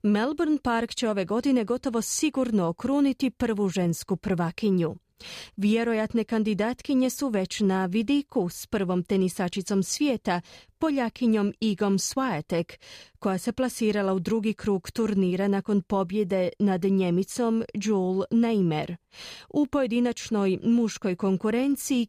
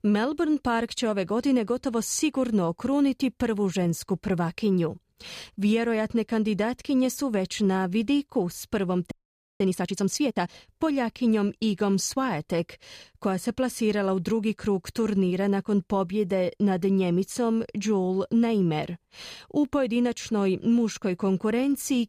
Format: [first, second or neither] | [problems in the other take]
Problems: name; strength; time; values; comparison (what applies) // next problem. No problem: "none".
first | audio freezing; at 9 s